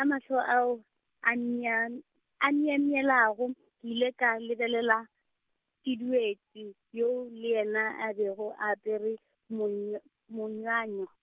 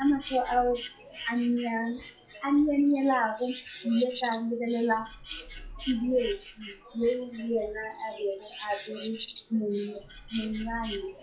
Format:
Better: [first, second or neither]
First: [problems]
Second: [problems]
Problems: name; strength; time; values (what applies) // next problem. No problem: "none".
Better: first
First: none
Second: noise reduction (classical method WPE with log-MMSE)